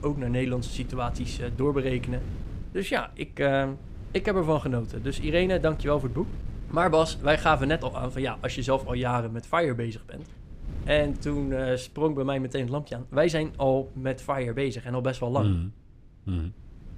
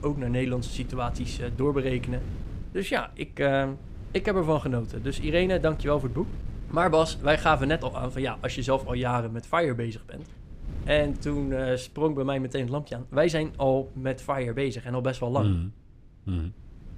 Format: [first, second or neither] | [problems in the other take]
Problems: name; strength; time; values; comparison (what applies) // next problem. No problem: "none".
neither | wind noise on the microphone; occasional gusts; 25 dB below the speech; the same in both